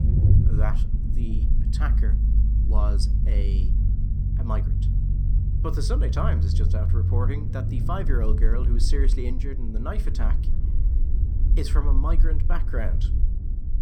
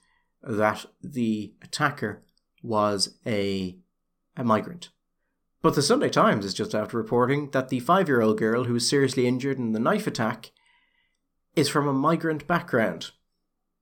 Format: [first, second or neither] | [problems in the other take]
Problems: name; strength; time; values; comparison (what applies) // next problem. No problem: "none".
second | low rumble; loud; throughout; 5 dB below the speech